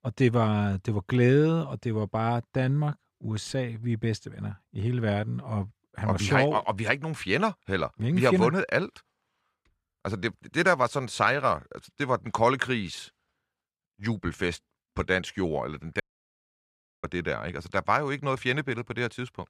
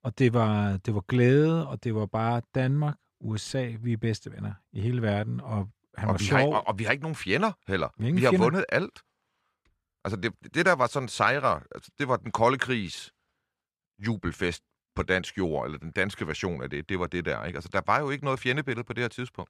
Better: second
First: audio cutting out; at 16 s for 1 s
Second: none

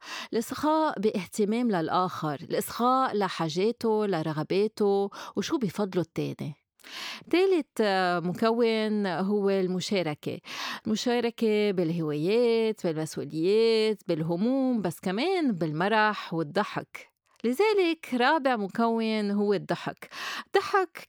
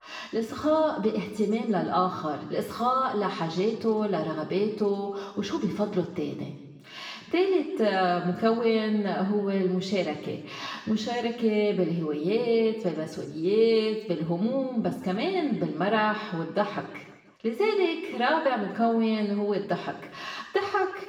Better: first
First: none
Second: room echo; noticeable; dies away in 1.2 s // off-mic speech; far

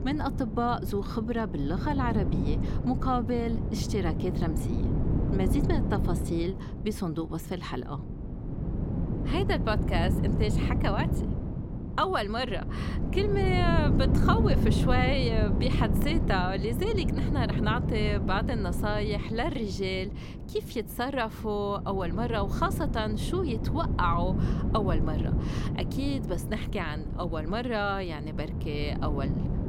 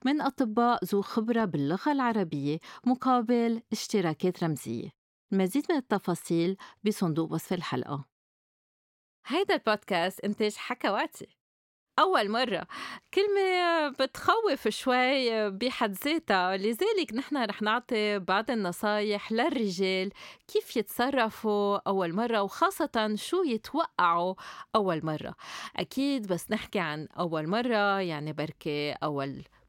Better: second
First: wind noise on the microphone; heavy; 7 dB below the speech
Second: none

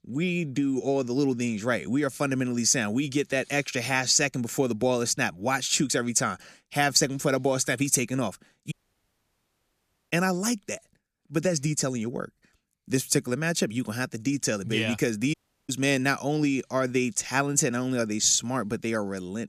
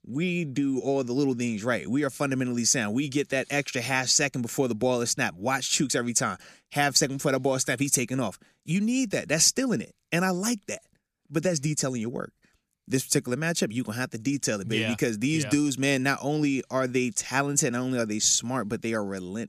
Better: second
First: audio cutting out; at 8.5 s for 1.5 s and at 15 s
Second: none

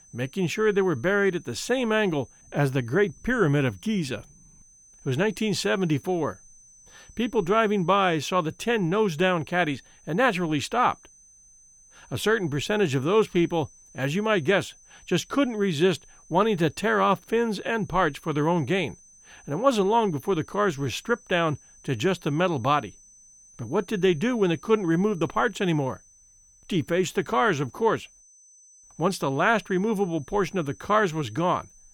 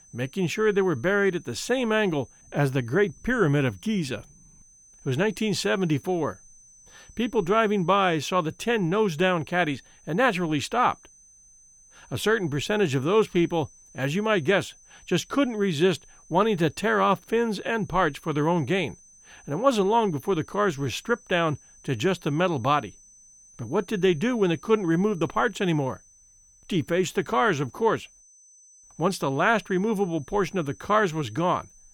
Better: neither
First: high-pitched whine; faint; throughout; 6 kHz, 25 dB below the speech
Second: high-pitched whine; faint; throughout; 6 kHz, 25 dB below the speech

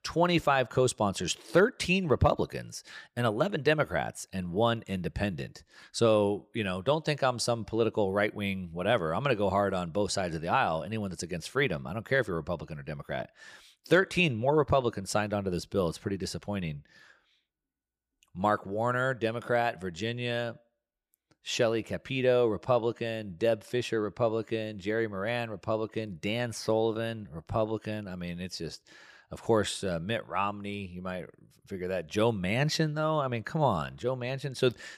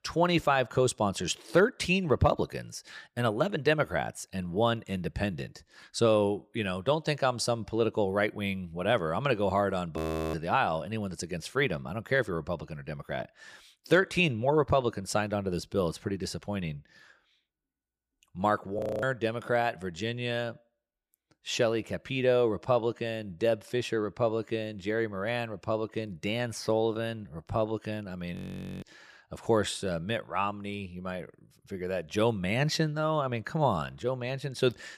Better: first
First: none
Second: audio freezing; at 10 s, at 19 s and at 28 s

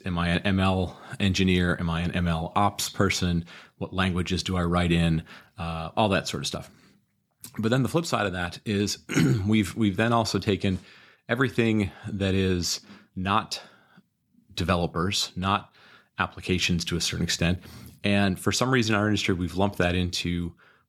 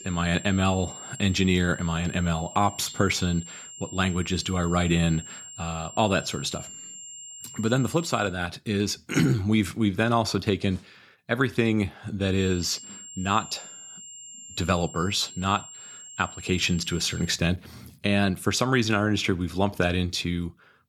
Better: first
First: none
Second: high-pitched whine; noticeable; until 8.5 s and from 12 to 17 s; 7.5 kHz, 15 dB below the speech

